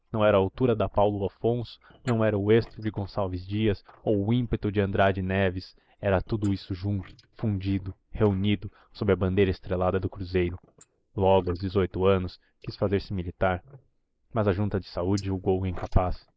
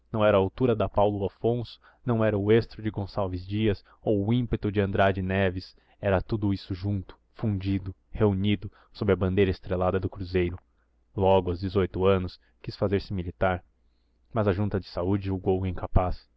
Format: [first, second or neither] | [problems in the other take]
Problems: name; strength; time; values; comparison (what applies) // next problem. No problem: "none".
second | noise reduction (neural mask model Resemble Enhance denoiser)